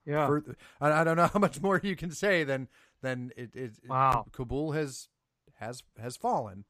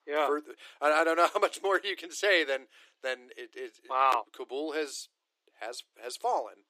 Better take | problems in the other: first | thin; very; fading below 300 Hz

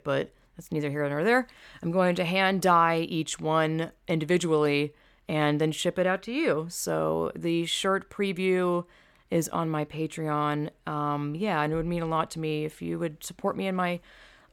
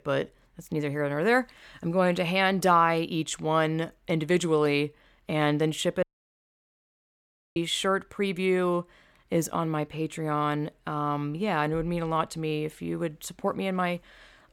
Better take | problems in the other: first | audio cutting out; at 6 s for 1.5 s

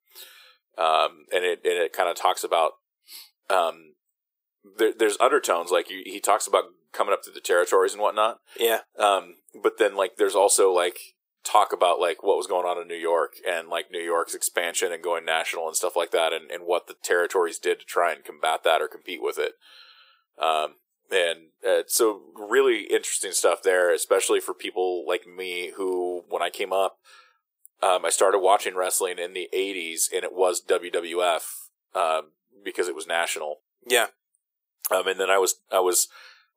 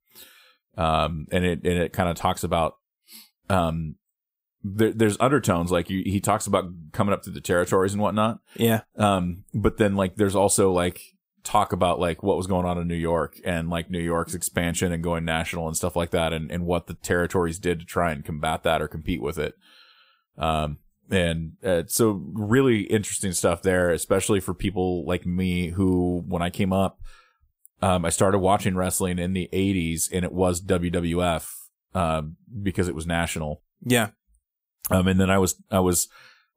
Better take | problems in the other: second | thin; very; fading below 350 Hz

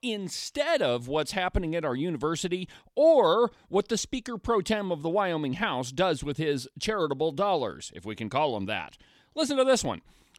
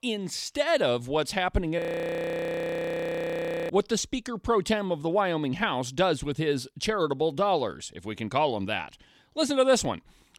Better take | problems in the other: first | audio freezing; at 2 s for 2 s

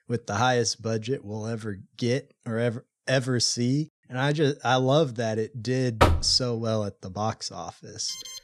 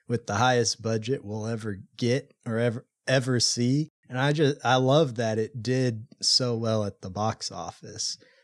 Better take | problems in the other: second | door banging; loud; at 6 s; peak 4 dB above the speech // alarm; very faint; at 8 s; peak 10 dB below the speech

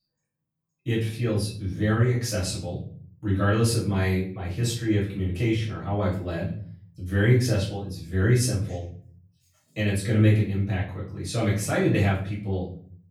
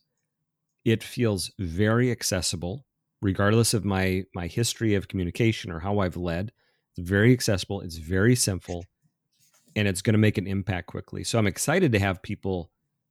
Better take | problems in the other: second | room echo; noticeable; dies away in 0.5 s // off-mic speech; far

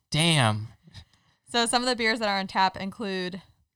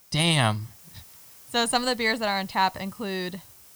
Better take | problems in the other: first | hiss; faint; throughout; 20 dB below the speech

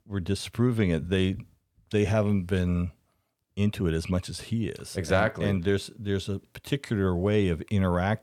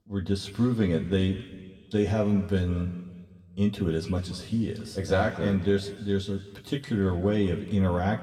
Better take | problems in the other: first | room echo; slight; dies away in 1.5 s // off-mic speech; somewhat distant

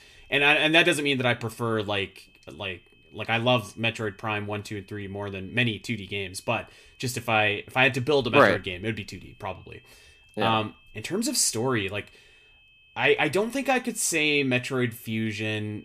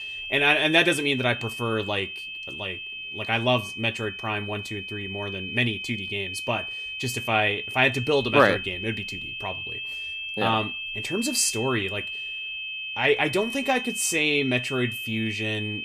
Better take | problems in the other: first | high-pitched whine; loud; throughout; 2.5 kHz, 7 dB below the speech; faint in the first

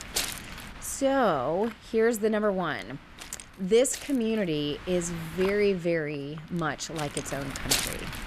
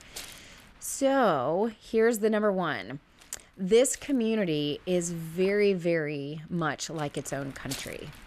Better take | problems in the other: second | wind noise on the microphone; heavy; 7 dB below the speech; occasional gusts in the second

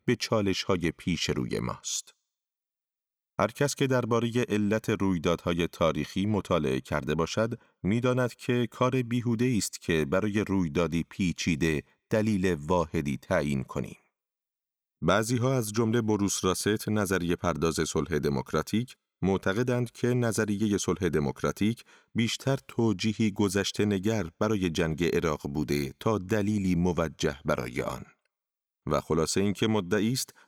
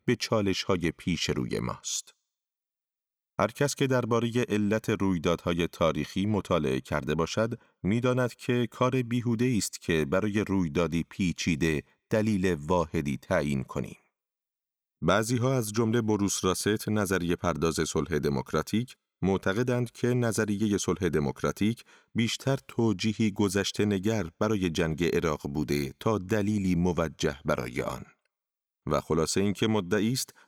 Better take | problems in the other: neither | none

